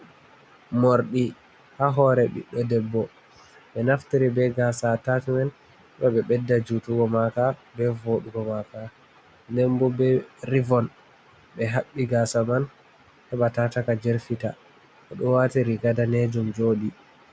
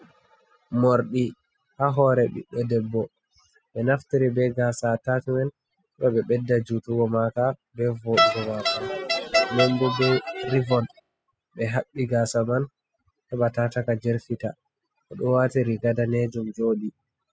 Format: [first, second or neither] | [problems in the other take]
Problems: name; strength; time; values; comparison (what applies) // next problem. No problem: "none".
first | noise reduction (classical method spectral subtraction)